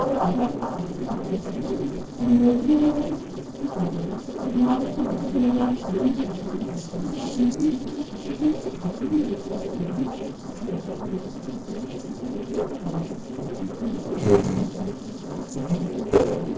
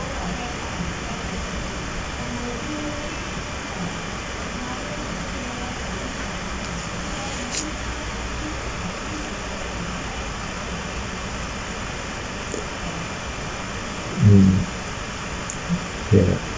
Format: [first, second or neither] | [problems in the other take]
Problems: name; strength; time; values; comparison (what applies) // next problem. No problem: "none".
second | noise reduction (neural separator model SepFormer DNS4)